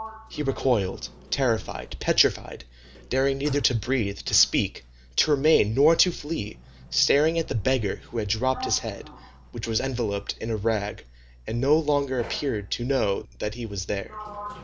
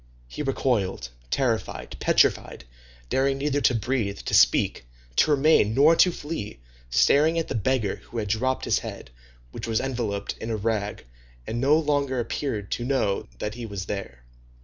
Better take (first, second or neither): second